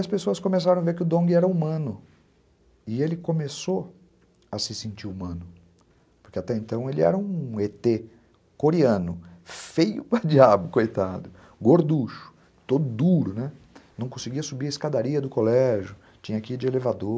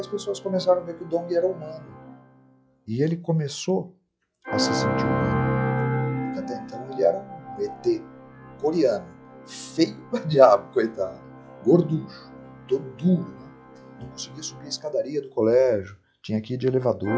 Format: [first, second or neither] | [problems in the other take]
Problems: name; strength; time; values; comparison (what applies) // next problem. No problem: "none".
first | noise reduction (classical method log-MMSE)